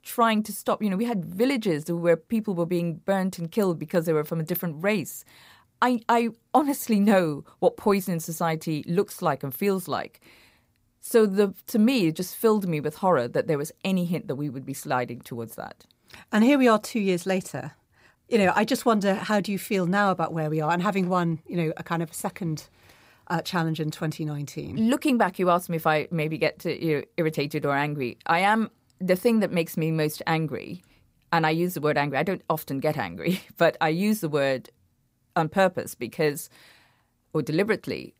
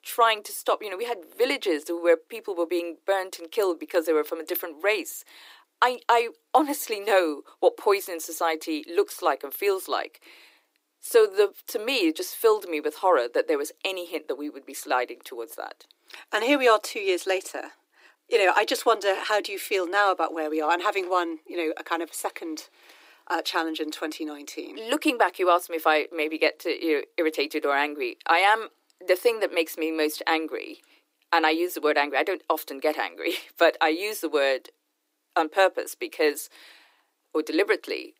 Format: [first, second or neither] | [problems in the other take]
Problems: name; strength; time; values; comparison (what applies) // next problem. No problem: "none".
first | thin; very; fading below 300 Hz